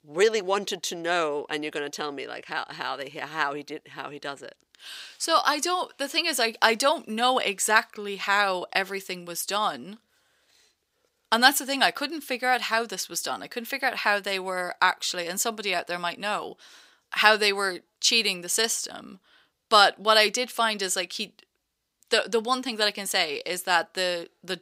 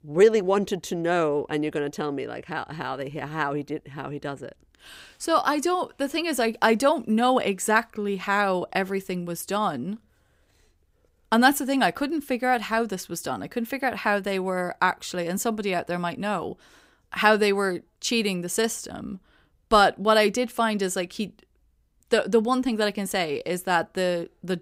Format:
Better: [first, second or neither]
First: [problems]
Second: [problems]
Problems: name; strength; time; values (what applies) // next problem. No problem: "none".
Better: second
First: thin; somewhat; fading below 850 Hz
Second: none